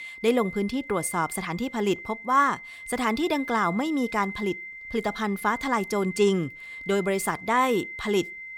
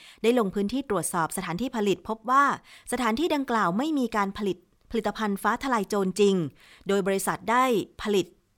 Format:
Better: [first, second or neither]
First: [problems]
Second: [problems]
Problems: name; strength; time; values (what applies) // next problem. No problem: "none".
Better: second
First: high-pitched whine; noticeable; throughout; 2 kHz, 10 dB below the speech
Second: none